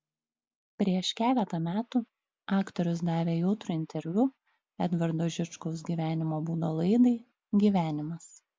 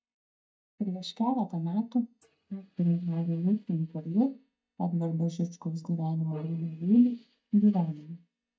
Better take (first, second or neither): first